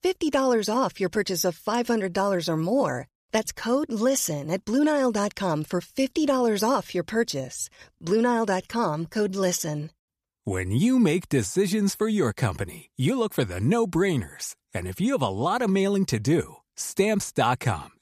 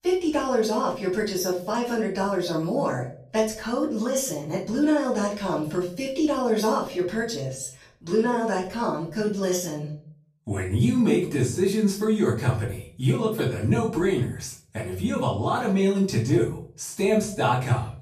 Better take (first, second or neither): first